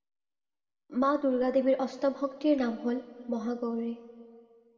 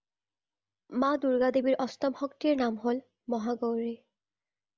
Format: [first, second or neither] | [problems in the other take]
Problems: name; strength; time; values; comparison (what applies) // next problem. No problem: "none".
second | room echo; dies away in 1.6 s